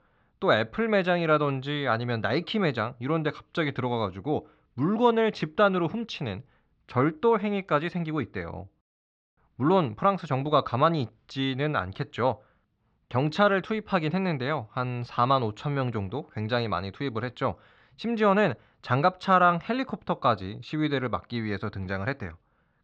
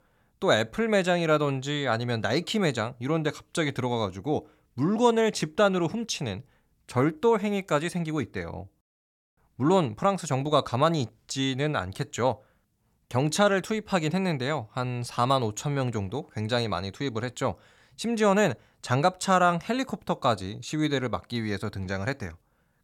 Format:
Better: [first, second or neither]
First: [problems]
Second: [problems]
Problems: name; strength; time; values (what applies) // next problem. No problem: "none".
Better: second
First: muffled; slightly; fading above 4 kHz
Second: none